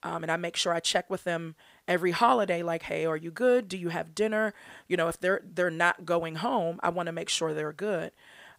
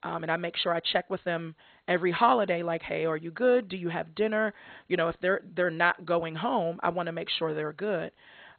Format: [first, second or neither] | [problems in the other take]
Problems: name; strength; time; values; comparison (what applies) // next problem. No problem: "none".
first | garbled, watery; badly; nothing above 4 kHz